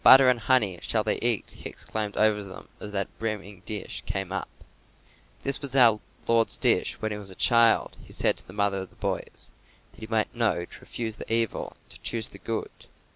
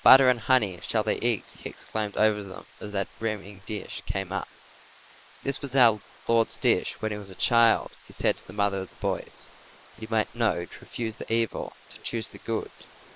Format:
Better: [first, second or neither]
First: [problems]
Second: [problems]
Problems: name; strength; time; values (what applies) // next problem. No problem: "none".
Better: first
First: none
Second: noise reduction (neural mask model Resemble Enhance denoiser)